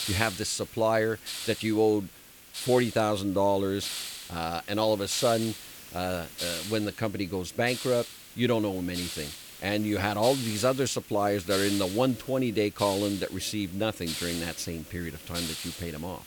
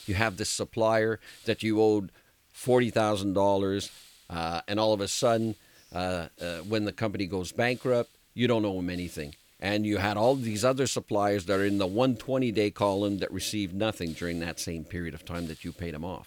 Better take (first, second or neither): second